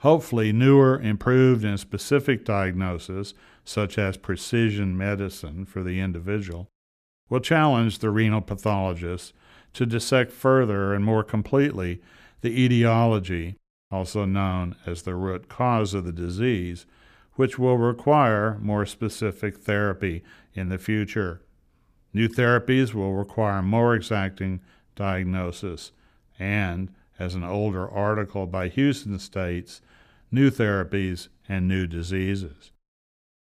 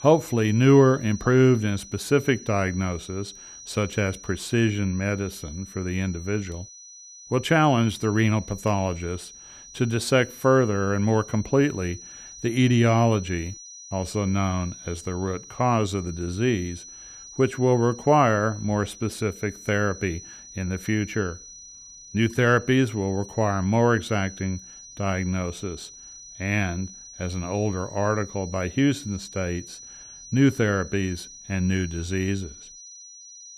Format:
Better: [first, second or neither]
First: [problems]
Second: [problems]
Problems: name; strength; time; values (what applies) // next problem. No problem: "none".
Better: first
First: none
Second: high-pitched whine; noticeable; throughout; 6 kHz, 15 dB below the speech